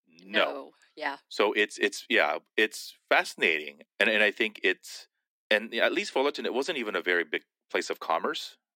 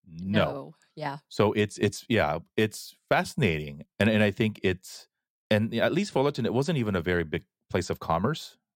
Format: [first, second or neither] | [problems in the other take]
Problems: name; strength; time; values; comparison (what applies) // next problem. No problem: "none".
second | thin; somewhat; fading below 250 Hz